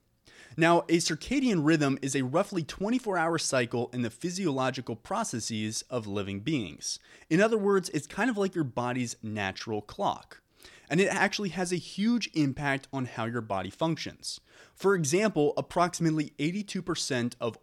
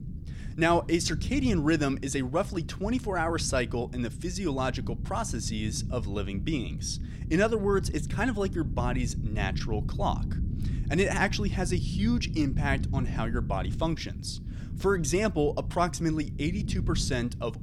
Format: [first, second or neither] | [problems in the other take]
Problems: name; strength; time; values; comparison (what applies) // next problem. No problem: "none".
first | low rumble; noticeable; throughout; 15 dB below the speech